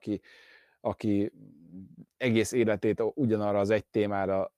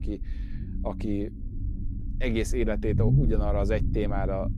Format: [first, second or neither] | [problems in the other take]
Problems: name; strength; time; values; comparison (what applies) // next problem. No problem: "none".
first | low rumble; loud; throughout; 10 dB below the speech